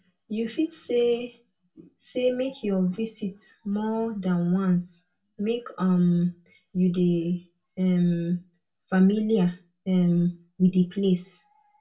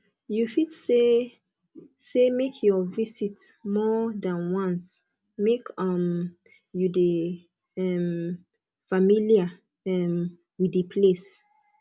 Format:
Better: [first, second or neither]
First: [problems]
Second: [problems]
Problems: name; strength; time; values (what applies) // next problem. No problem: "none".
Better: second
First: room echo; dies away in 0.2 s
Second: none